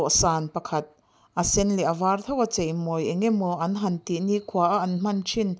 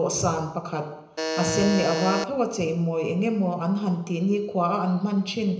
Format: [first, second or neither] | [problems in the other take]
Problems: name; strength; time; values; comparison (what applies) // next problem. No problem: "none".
first | background sound (Alarm); 4 dB below the speech // room echo; dies away in 0.9 s